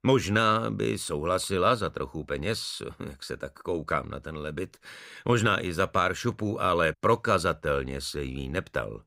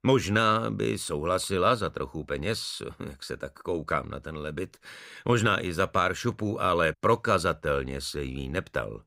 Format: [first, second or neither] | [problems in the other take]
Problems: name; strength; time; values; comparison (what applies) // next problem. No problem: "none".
neither | none